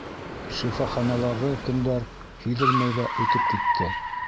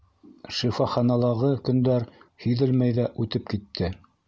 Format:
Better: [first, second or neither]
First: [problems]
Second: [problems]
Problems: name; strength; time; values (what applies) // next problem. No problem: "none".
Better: second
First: background sound (Car); 1 dB below the speech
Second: none